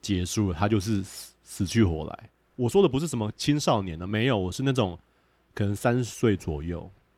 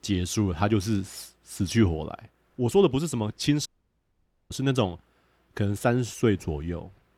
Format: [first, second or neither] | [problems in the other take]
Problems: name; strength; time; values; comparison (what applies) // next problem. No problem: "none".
first | audio cutting out; at 3.5 s for 1 s